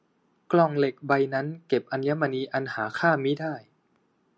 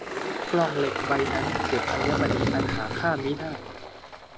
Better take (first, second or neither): first